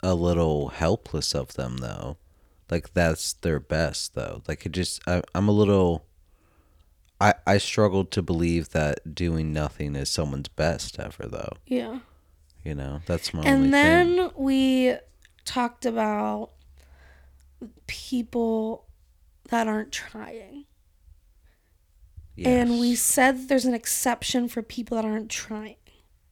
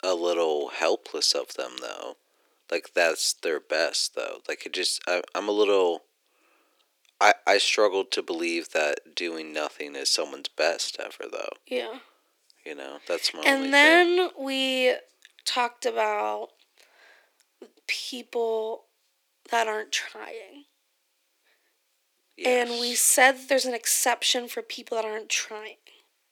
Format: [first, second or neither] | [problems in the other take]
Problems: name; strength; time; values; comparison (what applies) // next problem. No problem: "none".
first | thin; very; fading below 350 Hz